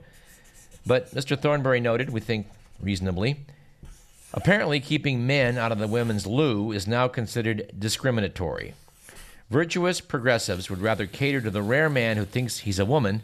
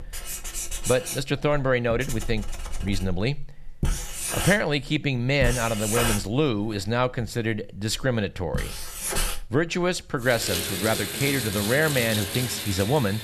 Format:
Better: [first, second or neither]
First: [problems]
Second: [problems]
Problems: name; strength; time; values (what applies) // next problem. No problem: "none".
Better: first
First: household noises; faint; throughout; 25 dB below the speech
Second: household noises; loud; throughout; 4 dB below the speech